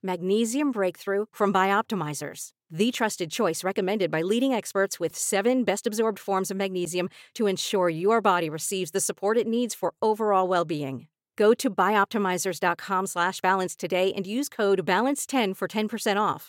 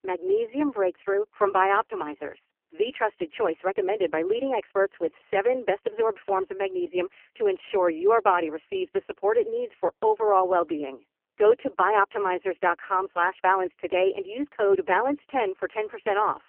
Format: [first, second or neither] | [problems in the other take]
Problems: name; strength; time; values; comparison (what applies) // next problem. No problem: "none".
first | phone-call audio; poor line; nothing above 3 kHz